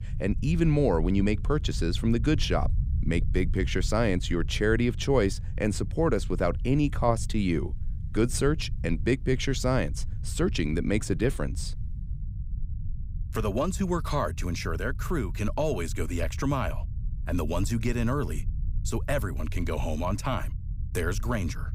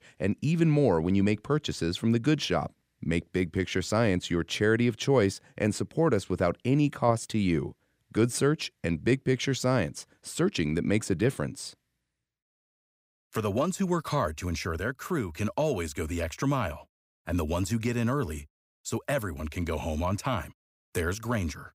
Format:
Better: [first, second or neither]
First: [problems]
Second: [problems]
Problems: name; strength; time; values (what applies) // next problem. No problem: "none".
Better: second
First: low rumble; faint; throughout; 20 dB below the speech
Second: none